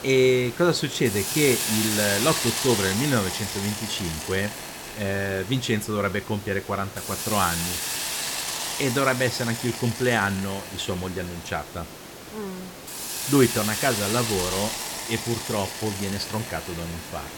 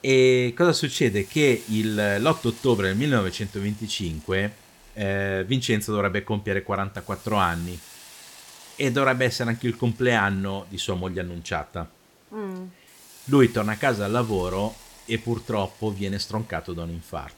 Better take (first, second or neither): second